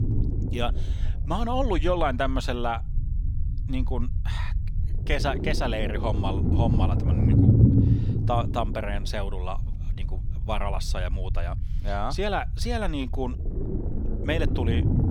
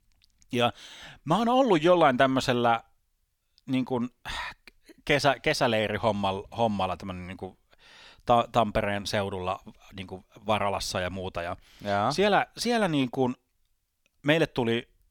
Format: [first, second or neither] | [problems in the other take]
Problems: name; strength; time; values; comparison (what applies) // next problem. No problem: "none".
second | low rumble; loud; throughout; 6 dB below the speech